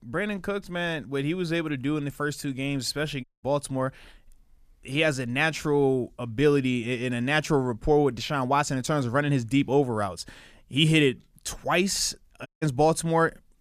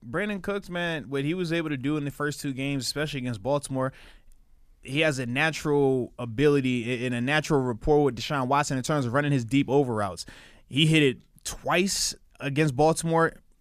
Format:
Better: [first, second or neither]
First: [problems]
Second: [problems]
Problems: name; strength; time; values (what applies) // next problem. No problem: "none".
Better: second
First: audio cutting out; at 3 s and at 12 s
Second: none